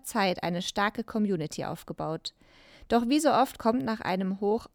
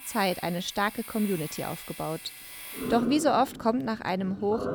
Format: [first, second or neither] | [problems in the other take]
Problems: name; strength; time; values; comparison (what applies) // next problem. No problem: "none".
first | household noises; noticeable; throughout; 10 dB below the speech